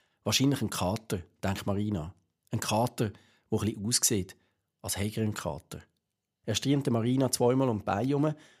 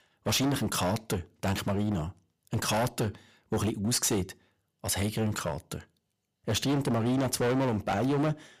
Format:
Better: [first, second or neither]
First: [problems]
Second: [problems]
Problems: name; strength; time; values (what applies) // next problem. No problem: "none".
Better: first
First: none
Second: distortion; heavy; 15% of the sound clipped